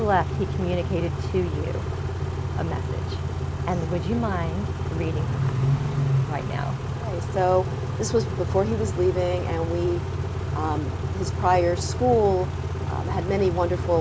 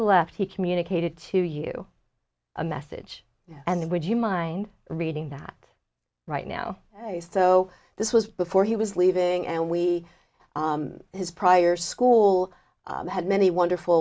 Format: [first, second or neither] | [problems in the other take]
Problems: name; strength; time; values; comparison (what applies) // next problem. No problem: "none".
second | background sound (Idling / Accelerating, revving, vroom / Car); as loud as the speech